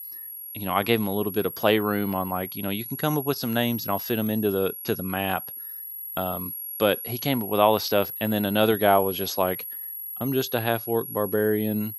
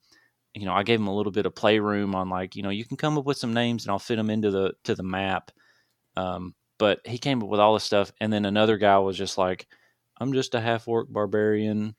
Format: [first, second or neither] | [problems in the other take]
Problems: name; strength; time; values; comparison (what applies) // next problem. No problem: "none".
second | high-pitched whine; loud; throughout; 11.5 kHz, 8 dB below the speech